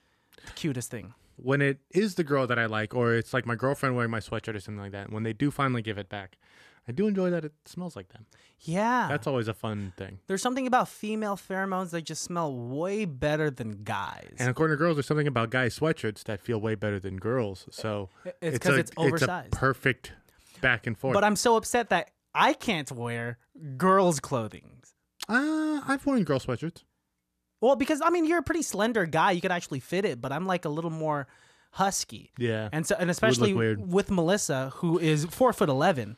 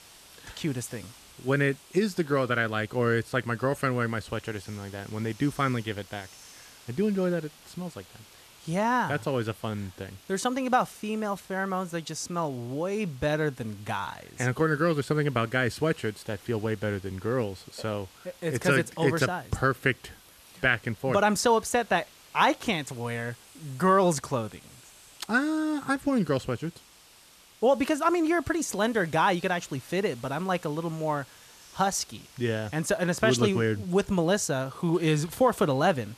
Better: first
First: none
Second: hiss; faint; throughout; 25 dB below the speech

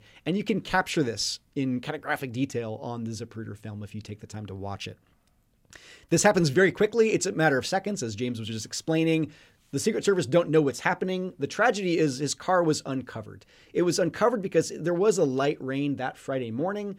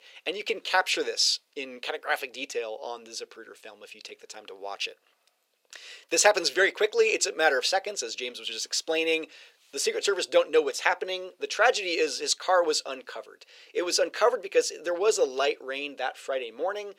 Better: first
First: none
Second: thin; very; fading below 450 Hz

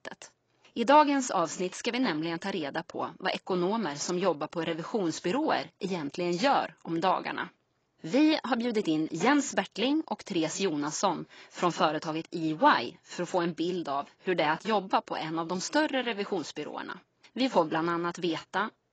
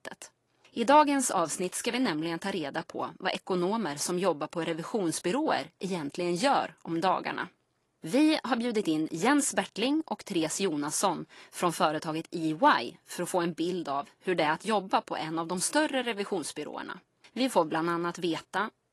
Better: second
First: garbled, watery; badly; nothing above 7.5 kHz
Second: garbled, watery; slightly; nothing above 11.5 kHz

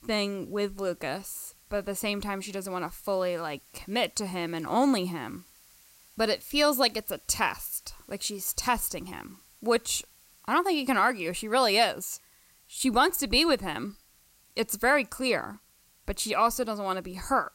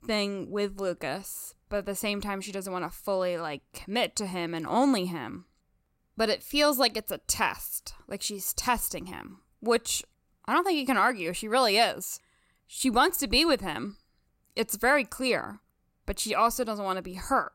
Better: second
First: hiss; faint; throughout; 30 dB below the speech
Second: none

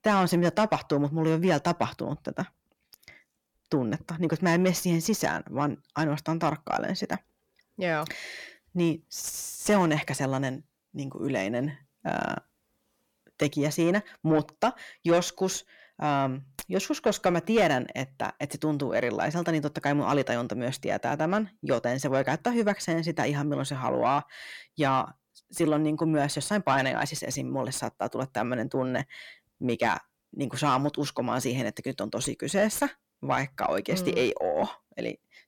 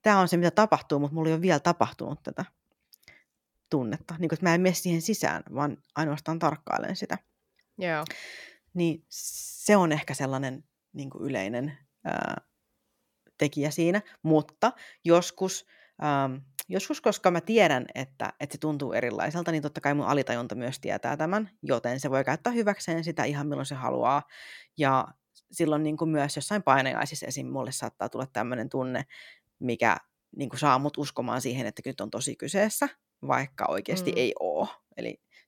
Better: second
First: distortion; slight; 10 dB below the speech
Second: none

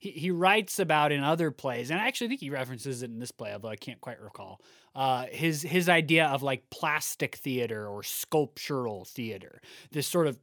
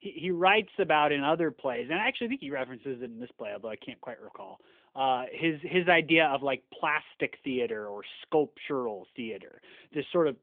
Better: first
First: none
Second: phone-call audio; nothing above 3 kHz

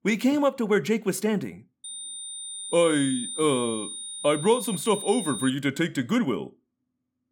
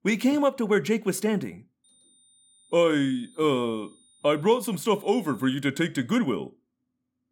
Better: second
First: high-pitched whine; loud; from 2 to 5.5 s; 9 kHz, 8 dB below the speech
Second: high-pitched whine; faint; from 2 to 5.5 s; 9 kHz, 30 dB below the speech

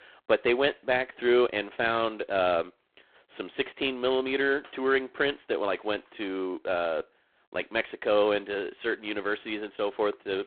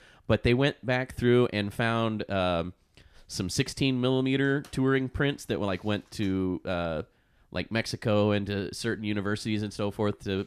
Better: second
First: phone-call audio; poor line; nothing above 3.5 kHz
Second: none

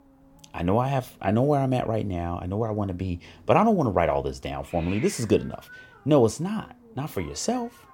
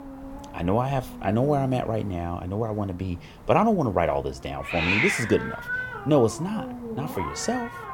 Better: first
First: hiss; faint; throughout; 20 dB below the speech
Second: hiss; loud; throughout; 5 dB below the speech

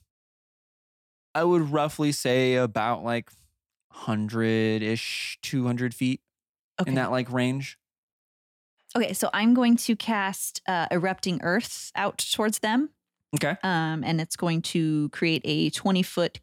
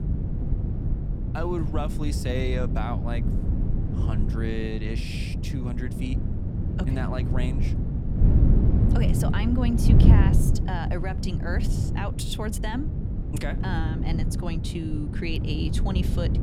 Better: first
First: none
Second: wind noise on the microphone; heavy; 3 dB below the speech

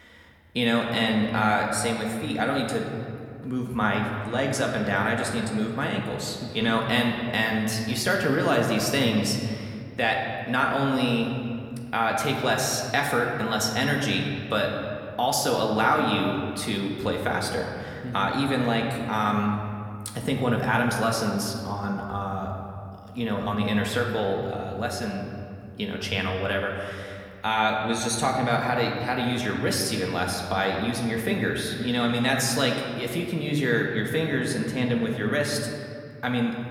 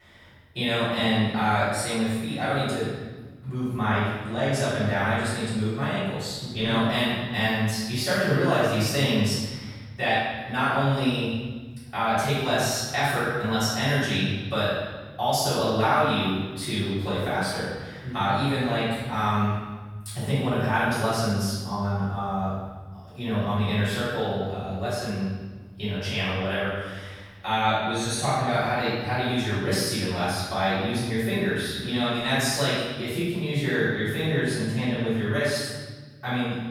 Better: first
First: room echo; slight; dies away in 2 s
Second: room echo; strong; dies away in 1.3 s // off-mic speech; far

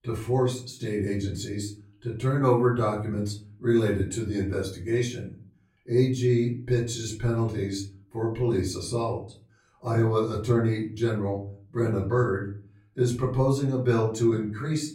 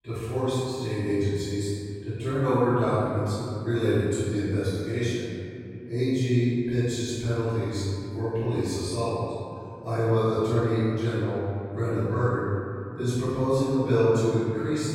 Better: first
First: room echo; slight; dies away in 0.4 s // off-mic speech; far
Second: room echo; strong; dies away in 2.5 s // off-mic speech; far

